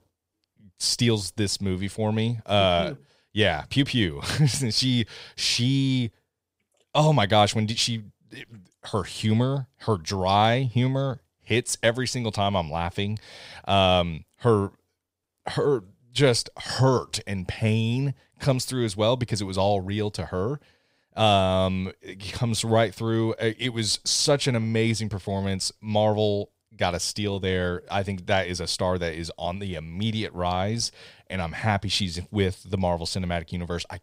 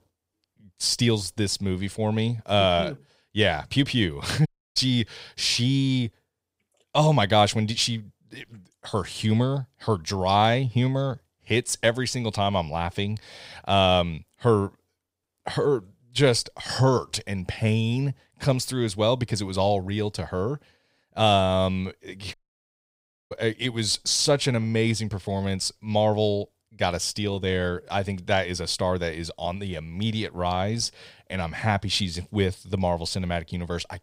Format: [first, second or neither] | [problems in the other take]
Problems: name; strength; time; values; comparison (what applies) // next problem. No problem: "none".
first | audio cutting out; at 4.5 s and at 22 s for 1 s